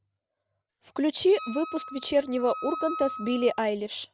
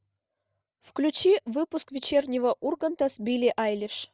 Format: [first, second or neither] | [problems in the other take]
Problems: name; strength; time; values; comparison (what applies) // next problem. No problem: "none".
second | background sound (Wind instrument, woodwind instrument); 12 dB below the speech